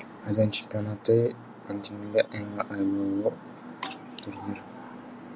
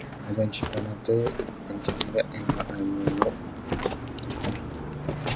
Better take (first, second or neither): first